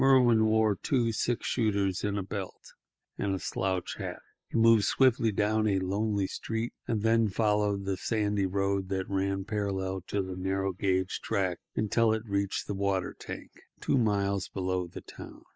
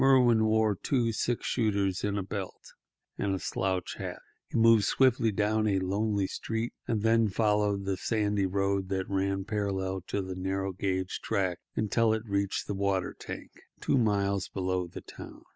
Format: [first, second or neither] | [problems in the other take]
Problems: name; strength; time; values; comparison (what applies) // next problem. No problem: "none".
second | noise reduction (neural mask model Resemble Enhance denoiser)